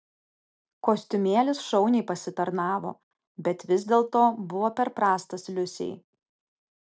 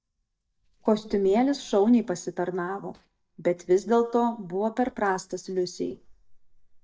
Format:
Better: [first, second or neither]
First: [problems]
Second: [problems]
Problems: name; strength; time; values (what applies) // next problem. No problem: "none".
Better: first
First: none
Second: noise reduction (neural mask model DeepFilterNet 3)